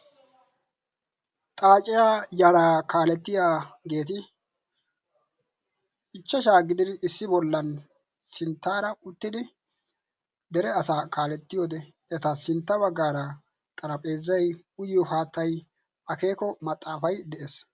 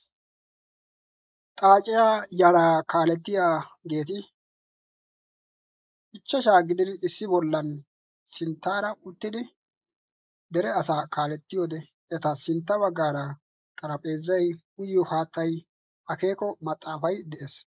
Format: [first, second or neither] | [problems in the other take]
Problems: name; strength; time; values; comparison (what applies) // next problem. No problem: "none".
first | noise reduction (neural mask model Resemble Enhance denoiser)